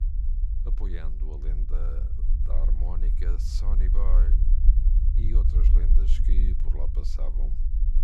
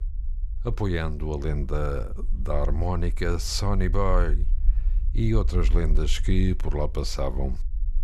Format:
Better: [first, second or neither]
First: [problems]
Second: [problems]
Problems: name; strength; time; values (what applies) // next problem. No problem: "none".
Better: second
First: low rumble; loud; throughout; 3 dB below the speech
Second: low rumble; faint; throughout; 25 dB below the speech